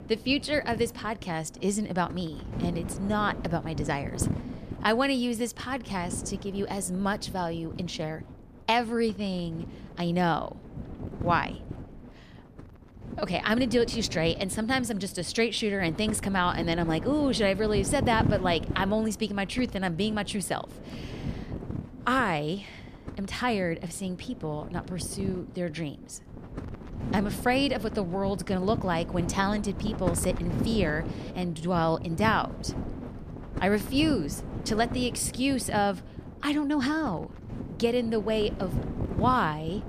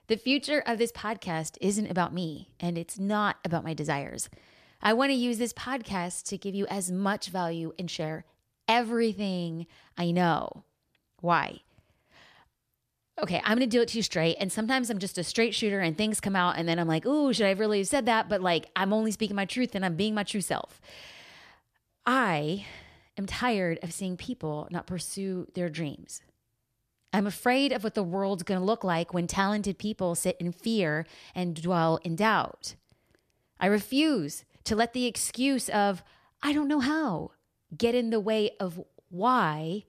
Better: second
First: wind noise on the microphone; occasional gusts; 15 dB below the speech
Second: none

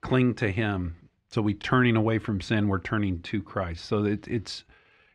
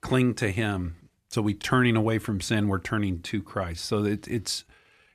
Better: second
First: muffled; very slightly; fading above 3.5 kHz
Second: none

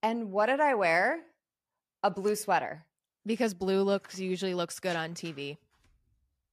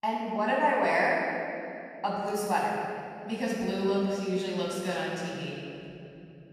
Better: first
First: none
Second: off-mic speech; far // room echo; strong; dies away in 2.7 s

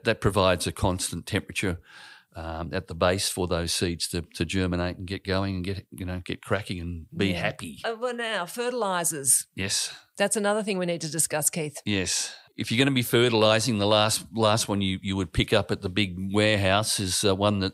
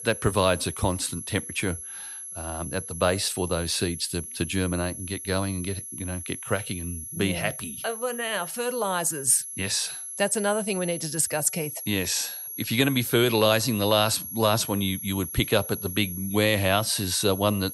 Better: first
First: none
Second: high-pitched whine; loud; throughout; 11.5 kHz, 8 dB below the speech

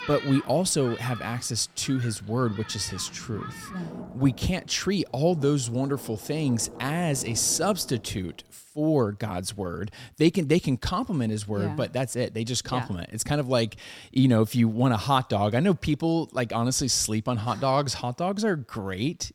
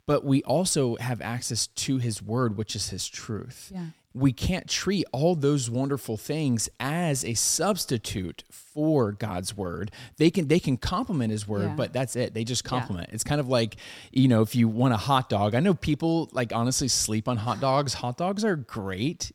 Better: second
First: rain or running water; noticeable; until 8 s; 15 dB below the speech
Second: none

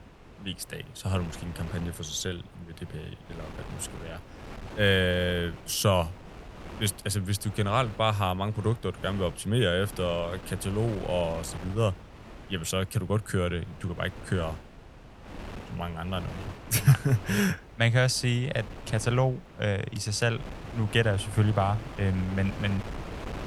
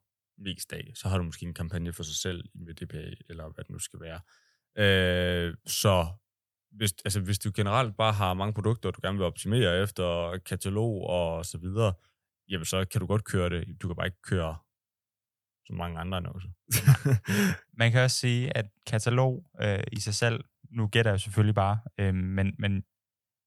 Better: second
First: wind noise on the microphone; occasional gusts; 15 dB below the speech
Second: none

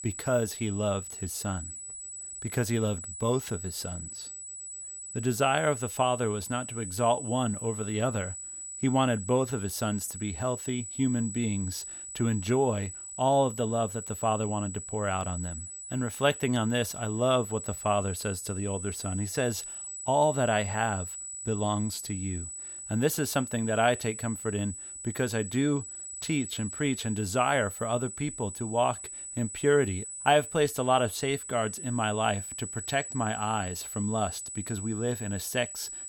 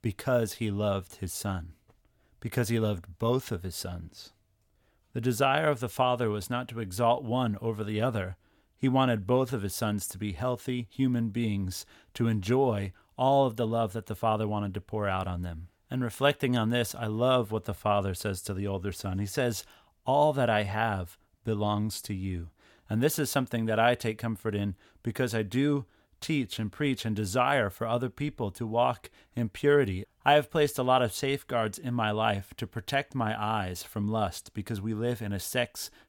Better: second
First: high-pitched whine; loud; throughout; 8 kHz, 8 dB below the speech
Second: none

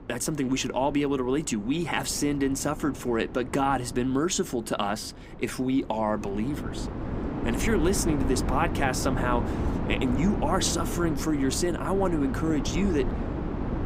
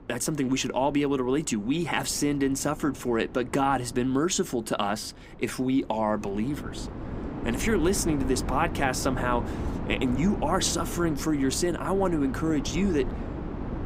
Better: second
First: wind noise on the microphone; heavy; 8 dB below the speech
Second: wind noise on the microphone; occasional gusts; 10 dB below the speech

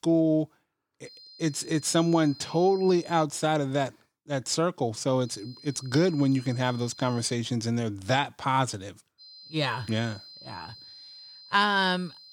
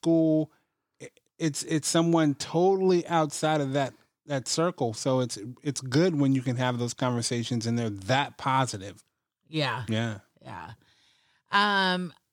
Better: second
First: high-pitched whine; noticeable; from 1 to 3 s, from 5.5 to 7.5 s and from 9 s on; 4 kHz, 20 dB below the speech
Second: none

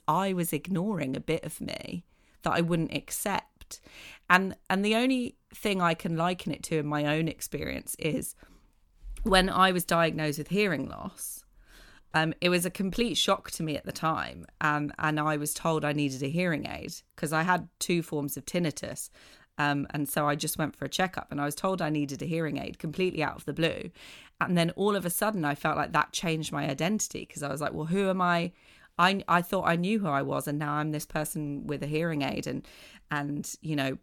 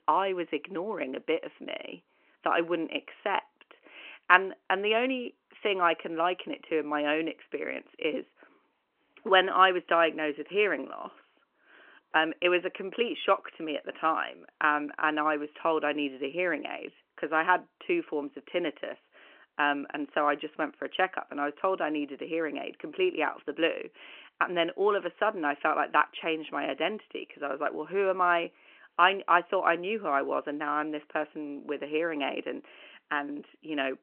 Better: first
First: none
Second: phone-call audio; nothing above 3 kHz

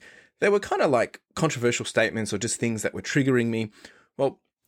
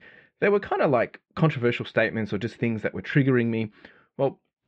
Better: first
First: none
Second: muffled; very; fading above 3.5 kHz

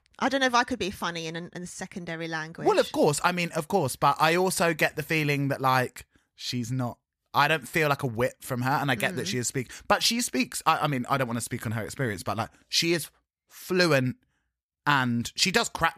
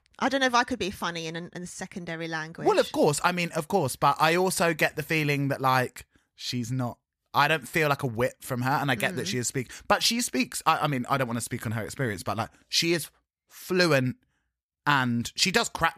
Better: neither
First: none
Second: none

